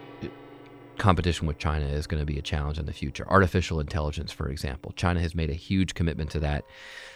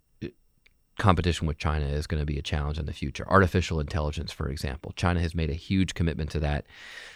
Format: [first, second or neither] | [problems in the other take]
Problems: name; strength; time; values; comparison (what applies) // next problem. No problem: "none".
second | background music; faint; throughout; 25 dB below the speech